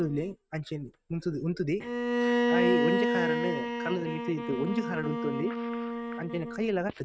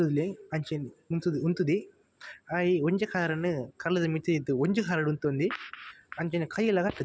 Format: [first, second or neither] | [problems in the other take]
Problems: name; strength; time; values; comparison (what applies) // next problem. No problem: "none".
second | noise reduction (neural mask model RNNoise)